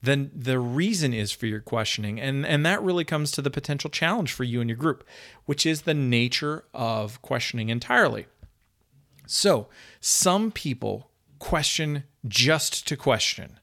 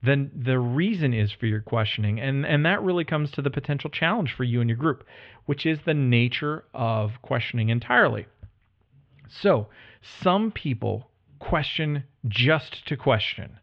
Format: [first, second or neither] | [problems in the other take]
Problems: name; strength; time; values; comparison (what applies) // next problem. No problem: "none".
first | muffled; very; fading above 3 kHz